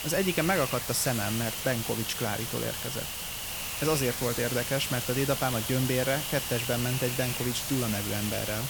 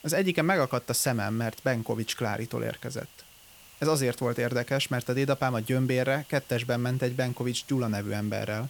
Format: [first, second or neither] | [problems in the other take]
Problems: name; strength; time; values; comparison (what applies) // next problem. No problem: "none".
second | hiss; loud; throughout; 2 dB below the speech; faint in the second